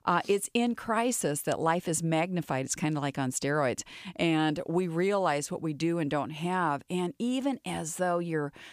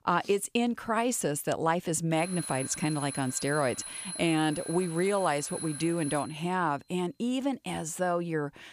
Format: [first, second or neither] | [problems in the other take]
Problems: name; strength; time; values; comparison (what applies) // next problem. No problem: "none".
first | alarm; noticeable; from 2 to 6.5 s; peak 6 dB below the speech